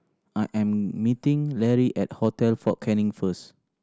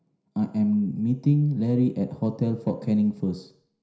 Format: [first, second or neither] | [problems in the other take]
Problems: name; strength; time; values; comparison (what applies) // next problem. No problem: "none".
first | room echo; dies away in 0.5 s